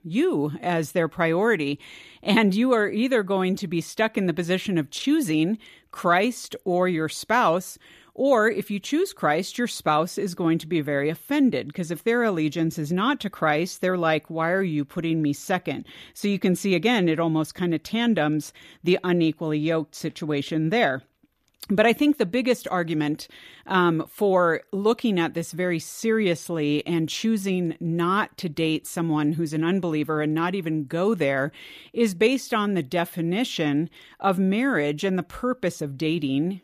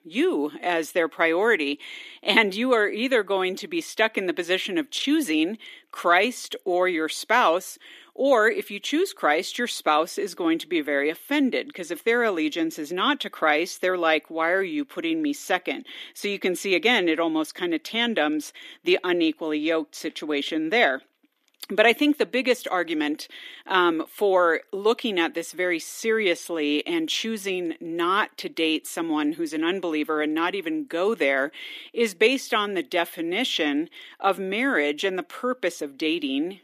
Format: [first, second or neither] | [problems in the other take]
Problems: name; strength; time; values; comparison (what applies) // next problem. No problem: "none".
first | thin; very slightly; fading below 250 Hz